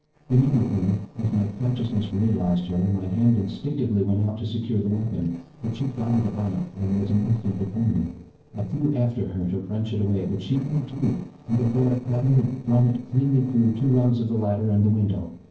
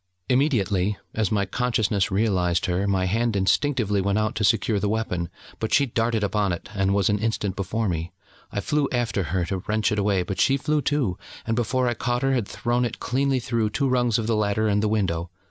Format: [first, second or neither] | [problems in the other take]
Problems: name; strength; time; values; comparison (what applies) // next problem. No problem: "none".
second | noise reduction (neural separator model SepFormer DNS4)